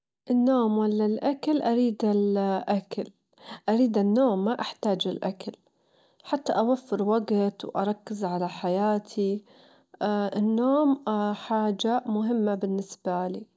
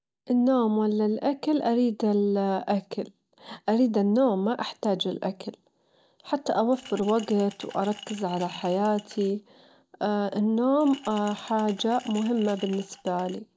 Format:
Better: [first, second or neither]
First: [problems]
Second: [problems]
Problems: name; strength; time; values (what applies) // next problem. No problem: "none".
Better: first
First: none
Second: background sound (Glass); 20 dB below the speech